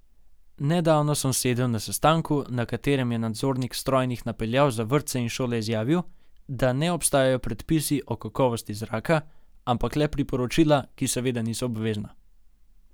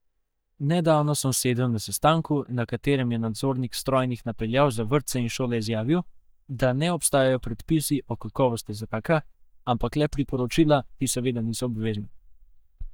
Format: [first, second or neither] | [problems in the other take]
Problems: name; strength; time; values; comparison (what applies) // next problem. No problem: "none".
first | noise reduction (neural mask model DeepFilterNet 3)